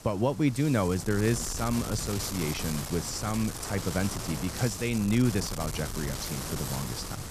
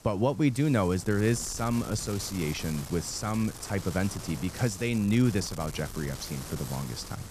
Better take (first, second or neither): second